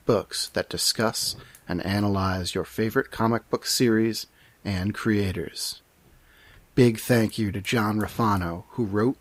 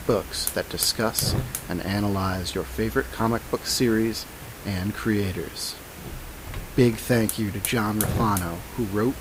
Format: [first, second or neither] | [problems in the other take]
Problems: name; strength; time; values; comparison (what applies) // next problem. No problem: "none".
first | hiss; loud; throughout; 7 dB below the speech; faint in the first